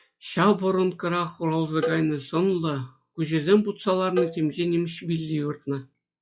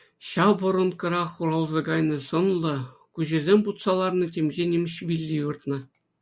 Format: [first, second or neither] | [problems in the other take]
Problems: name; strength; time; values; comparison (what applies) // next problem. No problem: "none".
second | noise reduction (classical method log-MMSE)